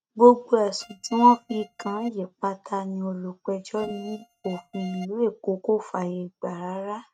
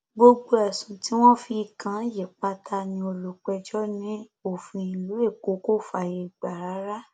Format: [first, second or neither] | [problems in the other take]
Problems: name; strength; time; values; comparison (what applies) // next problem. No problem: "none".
second | noise reduction (neural mask model RNNoise)